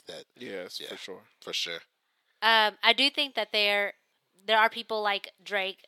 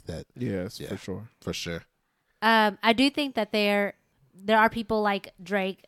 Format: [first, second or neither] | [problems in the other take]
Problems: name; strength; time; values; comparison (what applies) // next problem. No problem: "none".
second | thin; somewhat; fading below 450 Hz